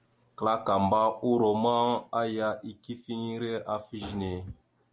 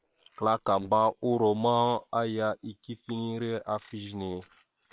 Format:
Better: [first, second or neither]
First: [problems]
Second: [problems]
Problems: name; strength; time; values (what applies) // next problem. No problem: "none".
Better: first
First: none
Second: noise reduction (neural separator model SepFormer WHAM!)